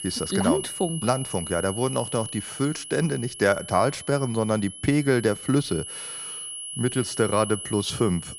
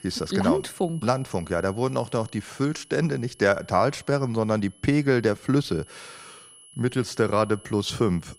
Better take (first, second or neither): second